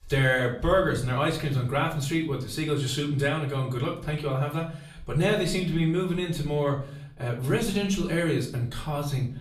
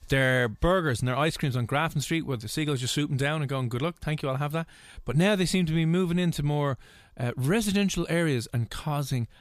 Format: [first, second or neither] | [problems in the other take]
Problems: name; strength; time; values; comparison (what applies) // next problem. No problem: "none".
second | room echo; slight; dies away in 0.4 s // off-mic speech; far